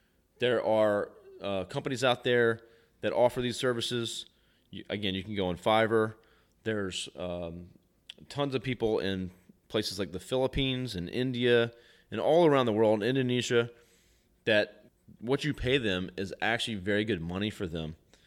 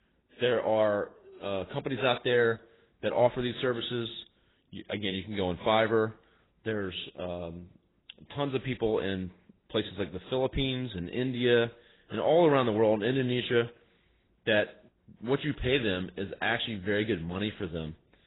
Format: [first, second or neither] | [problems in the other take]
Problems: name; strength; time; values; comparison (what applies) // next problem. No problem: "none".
first | garbled, watery; badly; nothing above 4 kHz